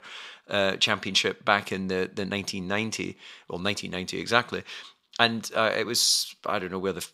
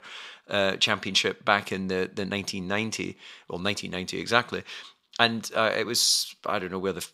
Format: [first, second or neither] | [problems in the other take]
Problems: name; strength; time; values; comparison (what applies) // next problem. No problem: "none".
neither | thin; somewhat; fading below 550 Hz; the same in both